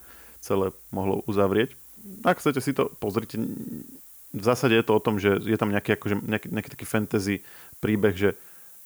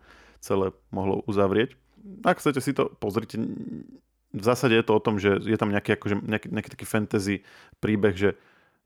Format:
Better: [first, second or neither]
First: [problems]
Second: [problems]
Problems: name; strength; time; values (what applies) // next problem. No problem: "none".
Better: second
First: hiss; noticeable; throughout; 20 dB below the speech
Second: none